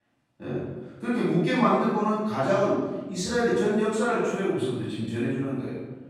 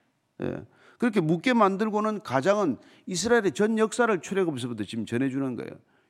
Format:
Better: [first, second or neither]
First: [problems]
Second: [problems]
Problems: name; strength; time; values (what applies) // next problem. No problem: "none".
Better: second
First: off-mic speech; far // room echo; strong; dies away in 1.1 s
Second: none